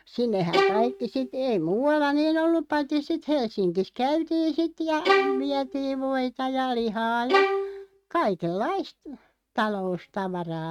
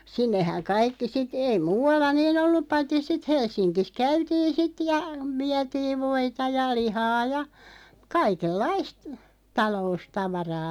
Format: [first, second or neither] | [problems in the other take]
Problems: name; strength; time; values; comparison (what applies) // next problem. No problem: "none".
second | noise reduction (neural mask model RNNoise)